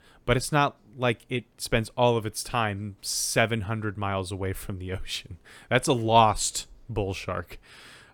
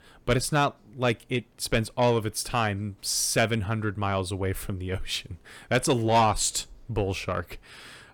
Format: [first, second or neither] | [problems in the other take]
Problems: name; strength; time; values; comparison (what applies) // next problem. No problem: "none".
first | distortion; slight; 10 dB below the speech